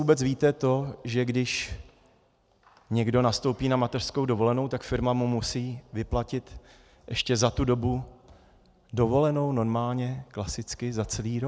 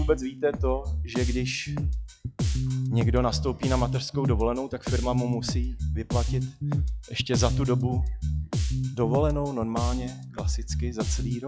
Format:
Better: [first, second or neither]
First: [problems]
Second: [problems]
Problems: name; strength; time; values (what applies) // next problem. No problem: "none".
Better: first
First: none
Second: noise reduction (classical method log-MMSE)